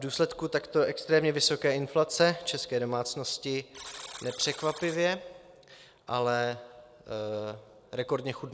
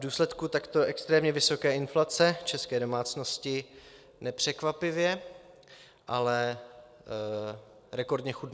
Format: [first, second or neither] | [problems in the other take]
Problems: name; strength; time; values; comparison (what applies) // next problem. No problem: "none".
second | background sound (Alarm); 17 dB below the speech